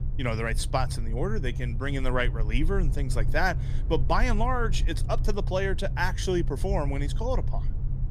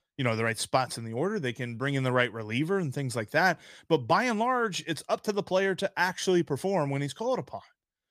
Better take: second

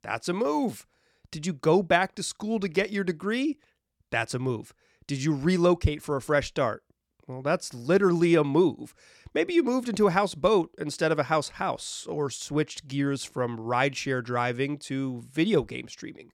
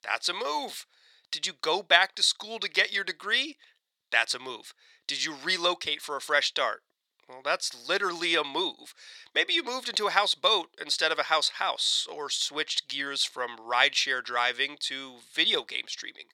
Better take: first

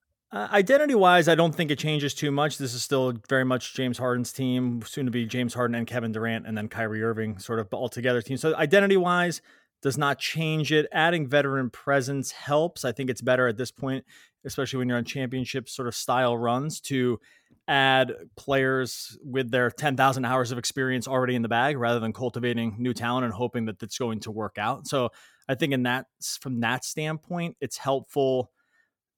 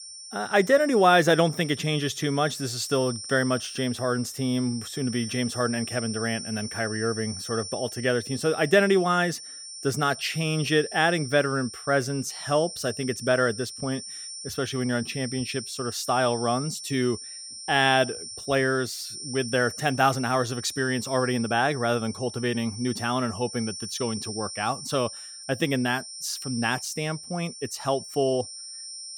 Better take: first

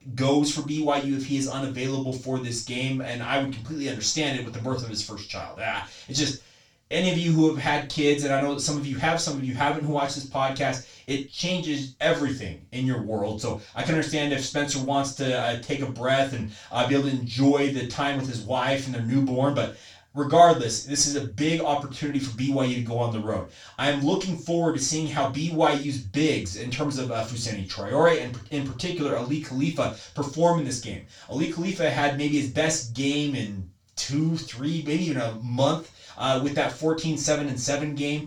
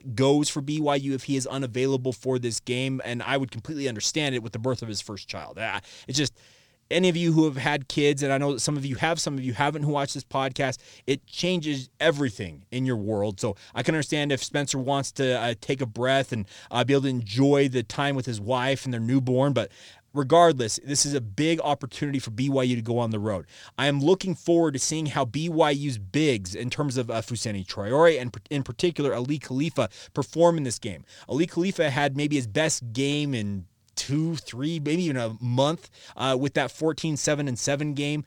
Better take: second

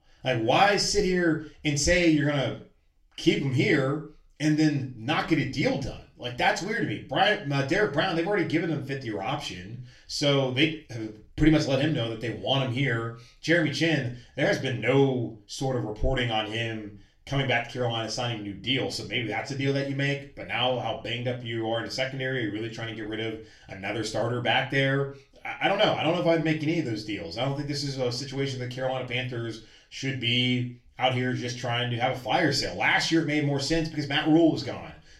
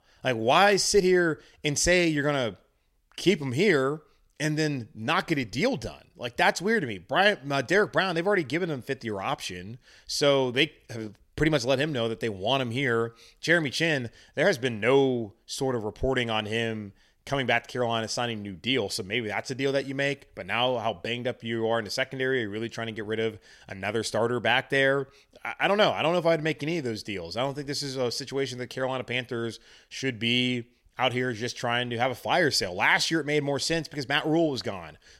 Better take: second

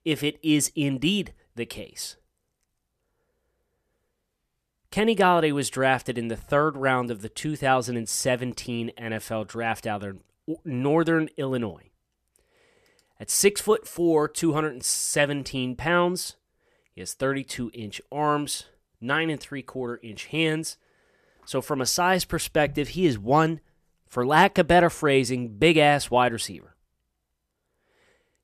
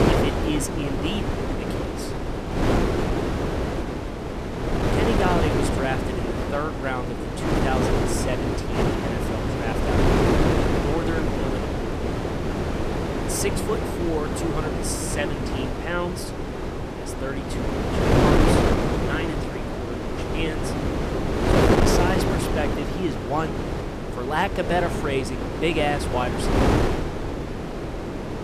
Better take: first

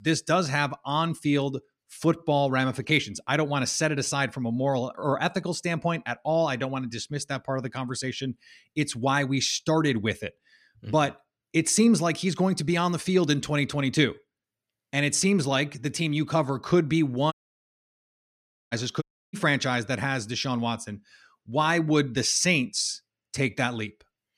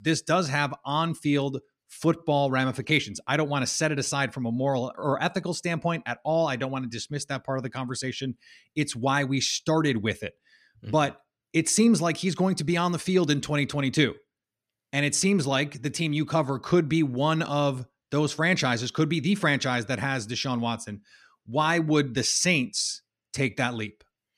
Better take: second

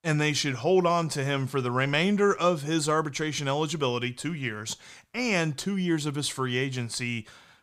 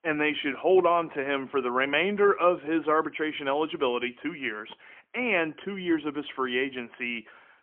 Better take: first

